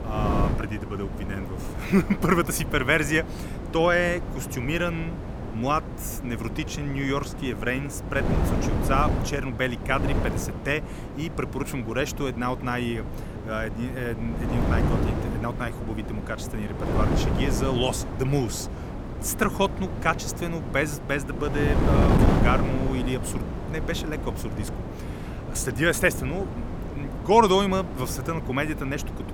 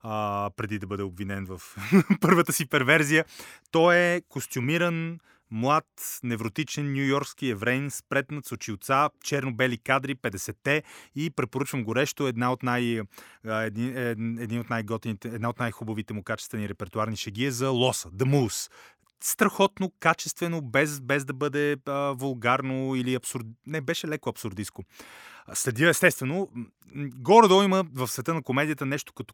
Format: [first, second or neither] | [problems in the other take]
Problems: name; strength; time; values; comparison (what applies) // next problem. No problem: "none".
second | wind noise on the microphone; heavy; 8 dB below the speech